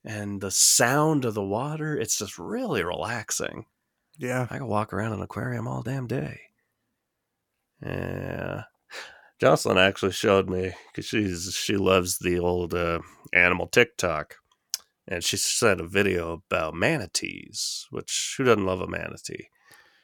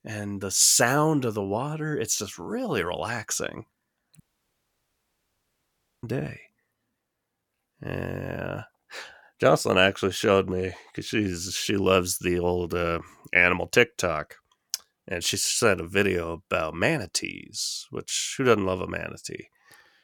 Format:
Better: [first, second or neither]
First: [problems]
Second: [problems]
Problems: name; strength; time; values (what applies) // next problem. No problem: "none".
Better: first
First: none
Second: audio cutting out; at 4 s for 2 s